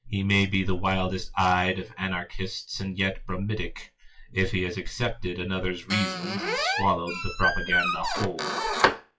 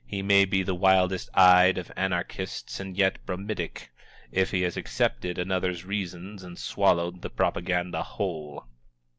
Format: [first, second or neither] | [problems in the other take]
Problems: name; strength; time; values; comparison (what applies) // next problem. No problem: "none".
second | noise reduction (classical method WPE with log-MMSE)